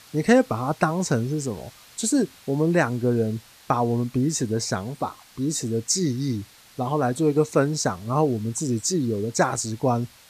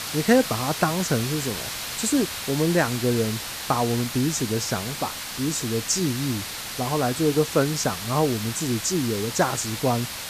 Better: first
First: hiss; faint; throughout; 25 dB below the speech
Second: hiss; loud; throughout; 6 dB below the speech

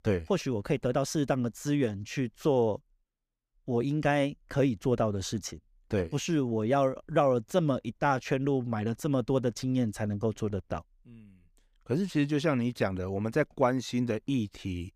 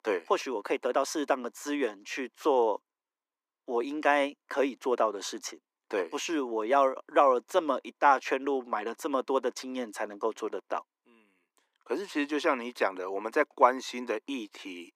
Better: first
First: none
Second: thin; somewhat; fading below 300 Hz

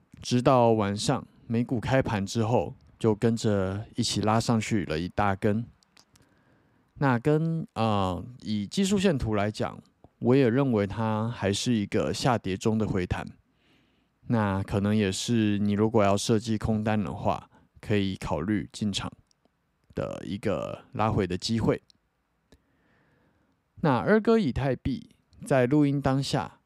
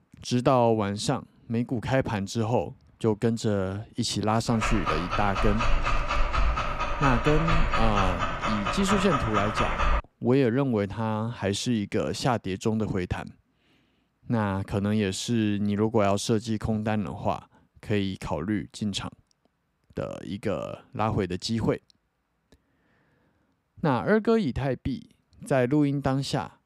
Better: first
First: none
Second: dog barking; loud; from 4.5 to 10 s; peak 1 dB above the speech

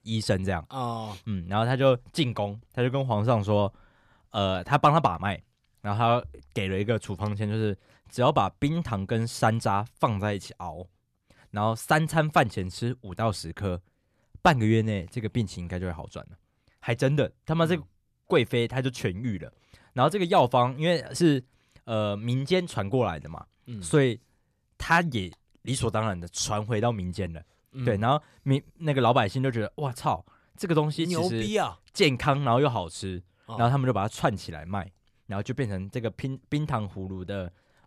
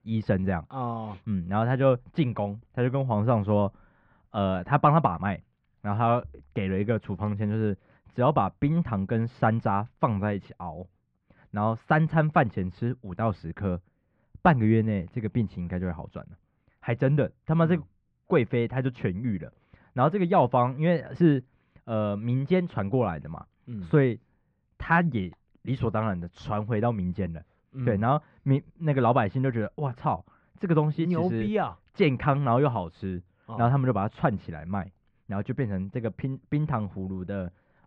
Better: first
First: none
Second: muffled; very; fading above 2 kHz

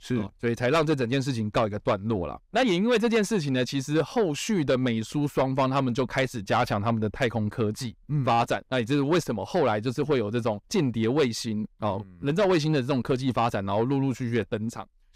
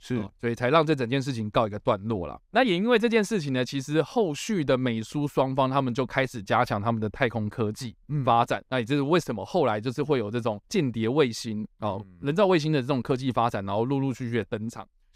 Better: second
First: distortion; slight; 10 dB below the speech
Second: none

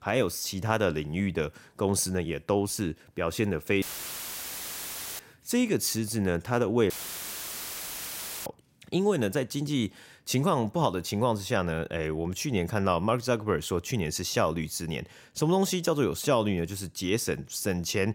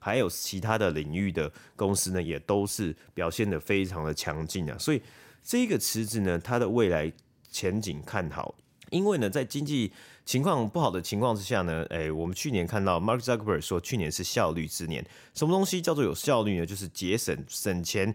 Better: second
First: audio cutting out; filled with static; at 4 s for 1.5 s and at 7 s for 1.5 s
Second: none

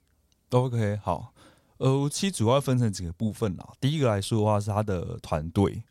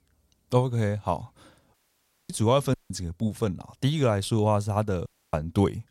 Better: first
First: none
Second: audio cutting out; at 1.5 s for 0.5 s, at 2.5 s and at 5 s

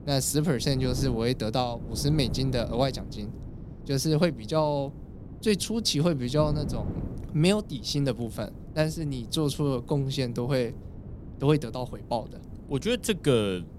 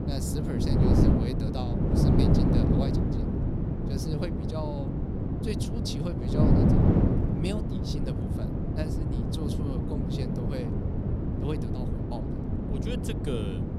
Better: first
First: wind noise on the microphone; occasional gusts; 20 dB below the speech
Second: wind noise on the microphone; heavy; 5 dB above the speech

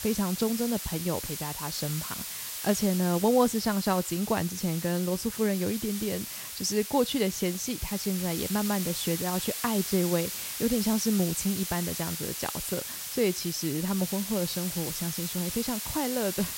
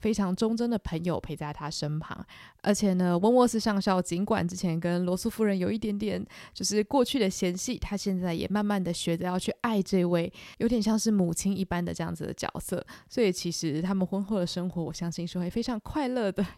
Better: second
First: hiss; loud; throughout; 4 dB below the speech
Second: none

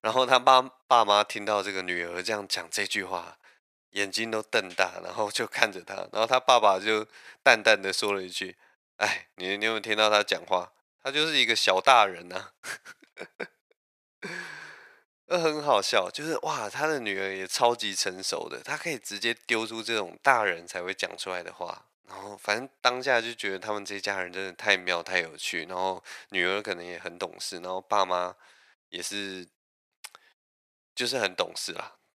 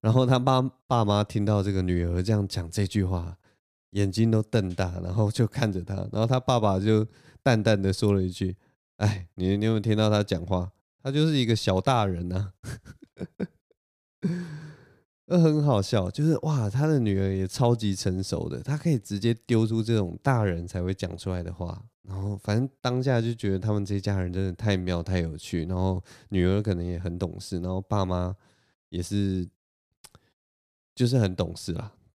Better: second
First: thin; very; fading below 750 Hz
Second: none

